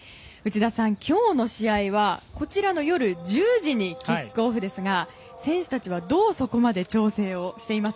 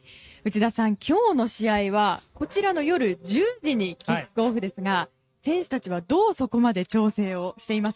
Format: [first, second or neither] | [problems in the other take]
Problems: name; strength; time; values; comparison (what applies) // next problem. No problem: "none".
first | noise reduction (neural mask model RNNoise)